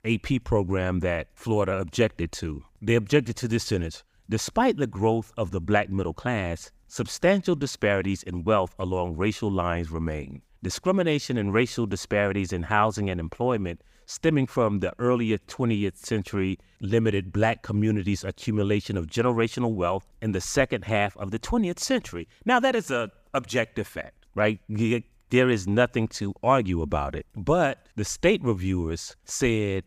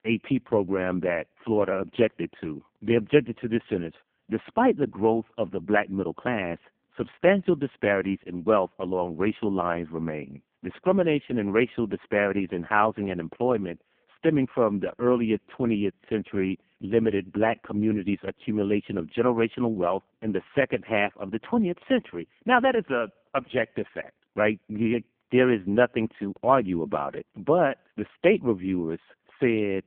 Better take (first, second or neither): first